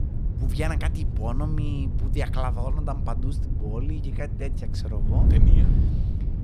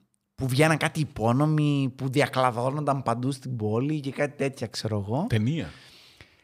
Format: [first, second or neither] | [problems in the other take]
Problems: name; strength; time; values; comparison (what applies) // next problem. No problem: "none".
second | wind noise on the microphone; heavy; 4 dB below the speech